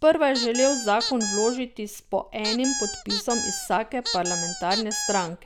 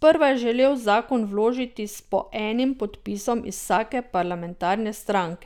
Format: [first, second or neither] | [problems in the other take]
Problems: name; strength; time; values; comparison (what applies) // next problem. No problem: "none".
second | background sound (Squeak); 5 dB below the speech